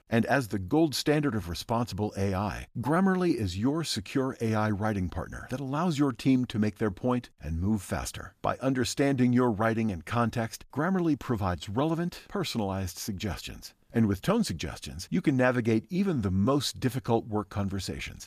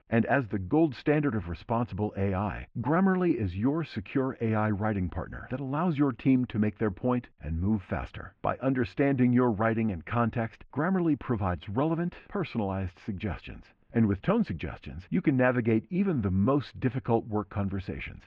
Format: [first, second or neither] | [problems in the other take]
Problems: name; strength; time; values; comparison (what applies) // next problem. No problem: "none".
first | muffled; very; fading above 2.5 kHz